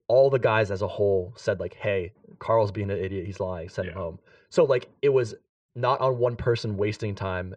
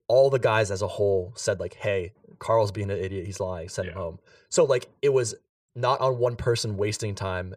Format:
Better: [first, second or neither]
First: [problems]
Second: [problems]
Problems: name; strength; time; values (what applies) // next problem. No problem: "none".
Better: second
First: muffled; slightly; fading above 3 kHz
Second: none